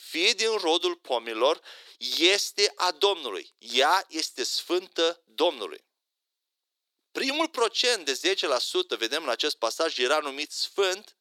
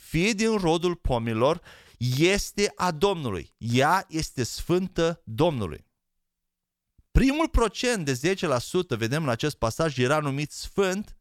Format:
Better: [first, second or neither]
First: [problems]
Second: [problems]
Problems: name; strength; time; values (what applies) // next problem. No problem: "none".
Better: second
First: thin; very; fading below 350 Hz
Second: none